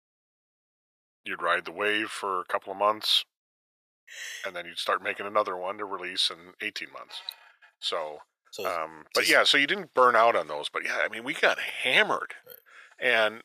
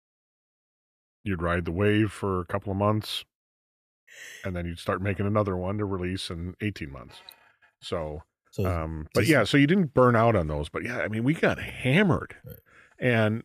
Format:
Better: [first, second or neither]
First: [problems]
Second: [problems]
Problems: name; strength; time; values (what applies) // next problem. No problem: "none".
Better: second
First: thin; very; fading below 750 Hz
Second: none